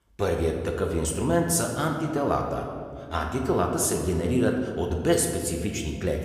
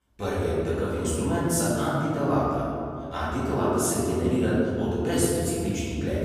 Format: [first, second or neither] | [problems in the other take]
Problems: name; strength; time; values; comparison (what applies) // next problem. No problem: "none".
first | room echo; strong; dies away in 2.5 s; slight in the first // off-mic speech; far